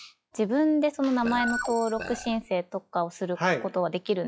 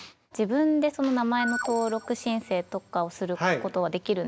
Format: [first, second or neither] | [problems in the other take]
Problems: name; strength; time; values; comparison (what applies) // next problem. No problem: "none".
second | noise reduction (classical method log-MMSE)